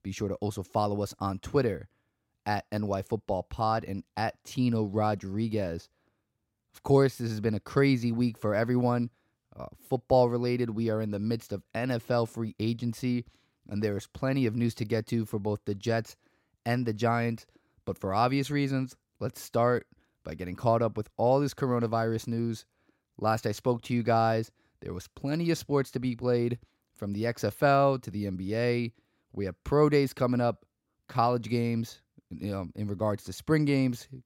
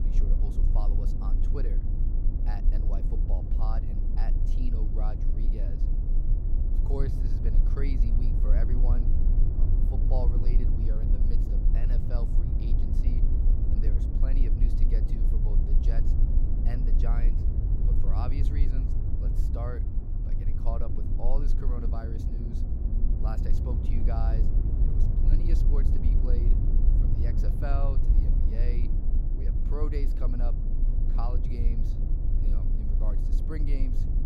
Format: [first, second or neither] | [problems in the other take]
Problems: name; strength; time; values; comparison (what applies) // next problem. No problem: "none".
first | low rumble; loud; throughout; 2 dB below the speech